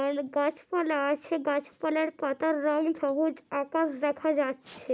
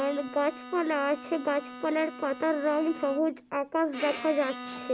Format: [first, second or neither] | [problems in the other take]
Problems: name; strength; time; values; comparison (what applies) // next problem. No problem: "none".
first | background sound (Bowed string instrument); 13 dB below the speech